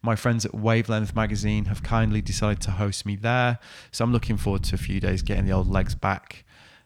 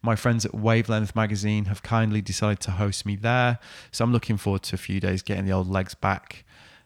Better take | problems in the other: second | low rumble; noticeable; from 1 to 3 s and from 4 to 6 s; 20 dB below the speech

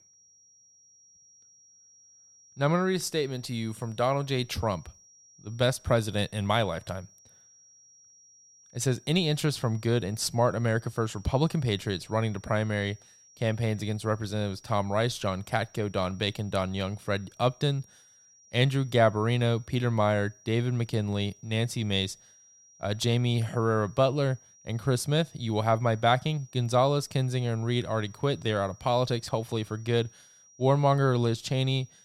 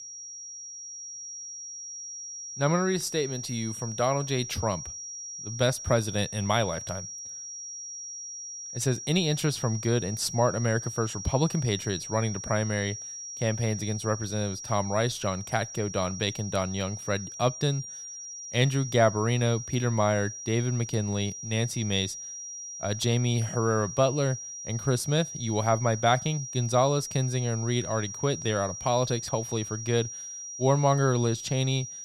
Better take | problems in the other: first | high-pitched whine; loud; throughout; 5.5 kHz, 9 dB below the speech; faint in the first

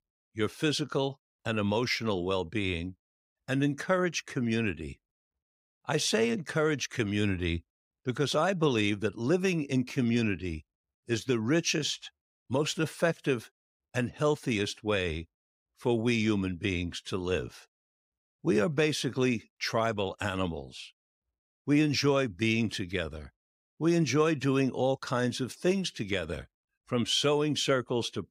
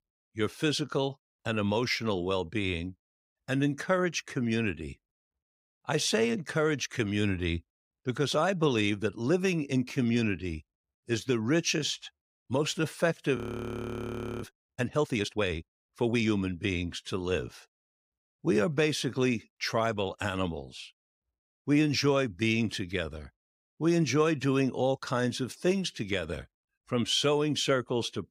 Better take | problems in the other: first | audio freezing; at 13 s for 1 s

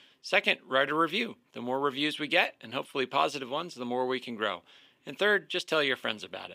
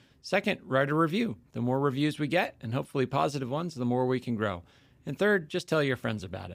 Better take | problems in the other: second | thin; somewhat; fading below 350 Hz

